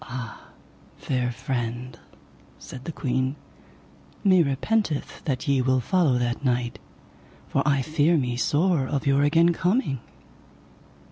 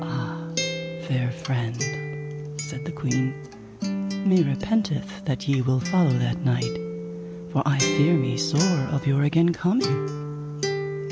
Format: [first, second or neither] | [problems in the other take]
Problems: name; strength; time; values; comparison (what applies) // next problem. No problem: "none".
first | background sound (Acoustic guitar); 5 dB below the speech